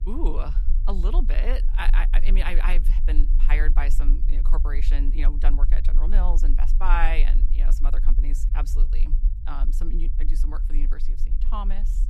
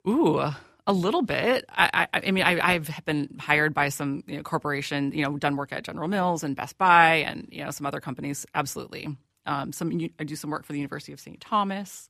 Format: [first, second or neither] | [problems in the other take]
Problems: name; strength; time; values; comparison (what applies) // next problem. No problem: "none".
second | low rumble; noticeable; throughout; 15 dB below the speech